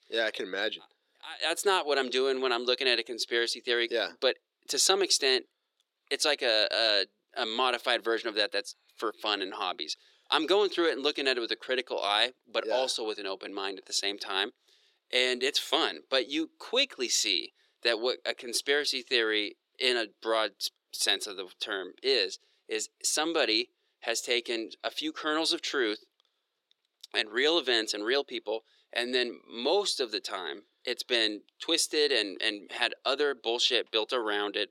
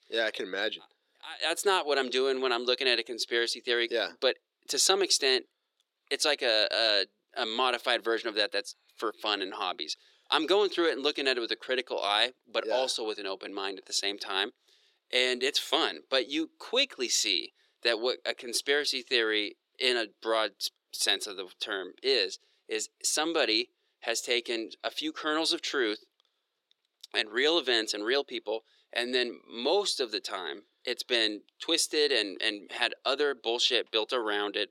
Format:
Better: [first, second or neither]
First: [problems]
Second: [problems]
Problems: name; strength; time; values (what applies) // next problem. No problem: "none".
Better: neither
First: thin; somewhat; fading below 350 Hz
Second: thin; somewhat; fading below 350 Hz